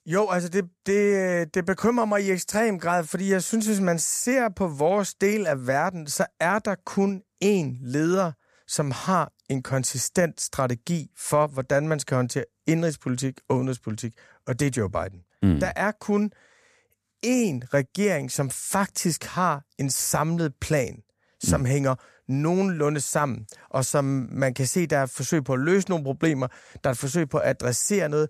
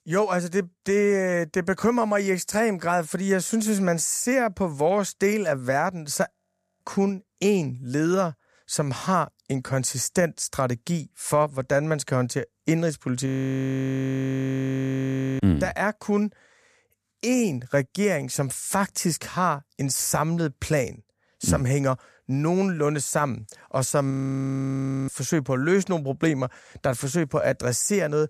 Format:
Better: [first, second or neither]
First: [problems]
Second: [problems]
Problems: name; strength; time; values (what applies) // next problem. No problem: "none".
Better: first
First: none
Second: audio freezing; at 6.5 s, at 13 s for 2 s and at 24 s for 1 s